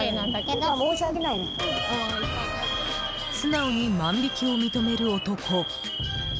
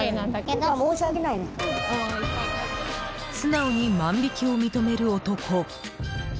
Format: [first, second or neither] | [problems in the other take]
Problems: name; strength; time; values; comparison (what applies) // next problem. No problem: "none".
second | background sound (Alarm); 6 dB below the speech